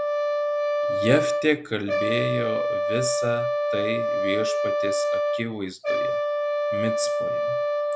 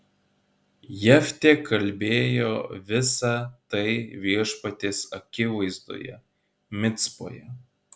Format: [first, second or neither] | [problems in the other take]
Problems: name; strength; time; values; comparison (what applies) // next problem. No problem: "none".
second | background sound (Brass instrument); 5 dB above the speech